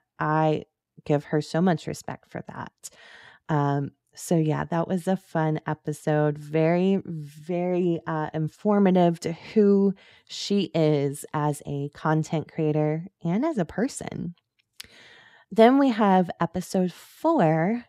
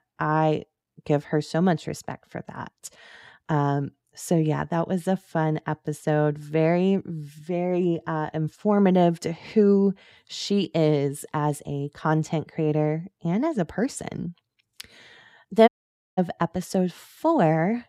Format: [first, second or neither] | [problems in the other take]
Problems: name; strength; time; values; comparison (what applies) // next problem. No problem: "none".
first | audio cutting out; at 16 s